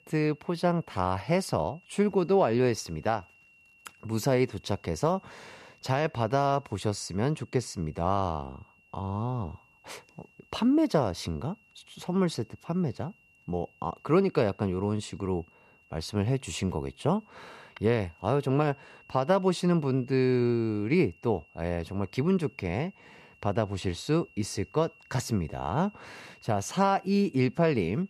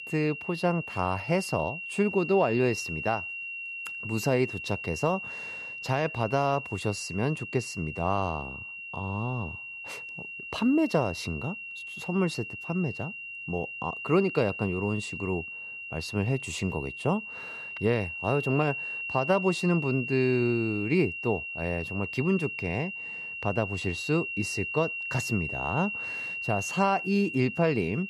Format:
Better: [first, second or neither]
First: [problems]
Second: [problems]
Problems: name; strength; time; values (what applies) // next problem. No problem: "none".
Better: first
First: high-pitched whine; faint; throughout; 2.5 kHz, 30 dB below the speech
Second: high-pitched whine; loud; throughout; 2.5 kHz, 6 dB below the speech